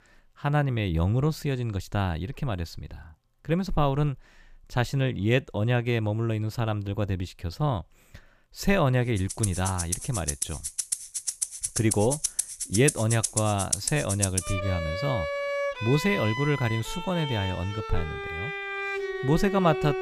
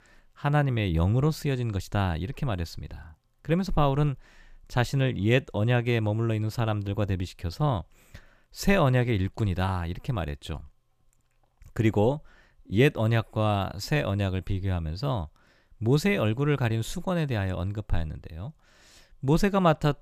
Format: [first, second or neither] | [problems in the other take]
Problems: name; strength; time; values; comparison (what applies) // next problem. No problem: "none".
second | background music; loud; from 9.5 s on; 3 dB below the speech